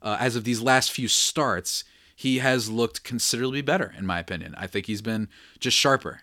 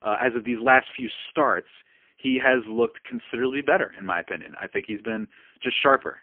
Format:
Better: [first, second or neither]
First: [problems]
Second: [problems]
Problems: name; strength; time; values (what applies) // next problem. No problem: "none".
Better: first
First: none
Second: phone-call audio; poor line; nothing above 3.5 kHz